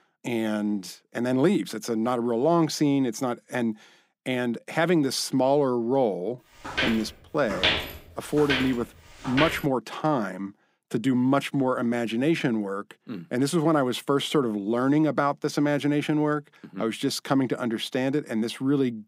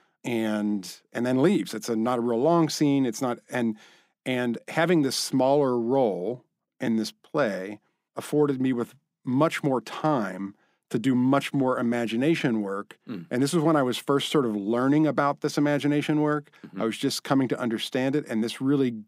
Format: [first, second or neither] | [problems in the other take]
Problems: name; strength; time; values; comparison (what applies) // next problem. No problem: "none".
second | footsteps; loud; from 6.5 to 9.5 s; peak 2 dB above the speech